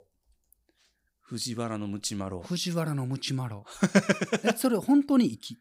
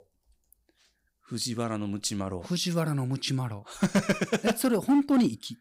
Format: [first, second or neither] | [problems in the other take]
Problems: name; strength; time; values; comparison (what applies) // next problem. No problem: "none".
first | distortion; slight; 4% of the sound clipped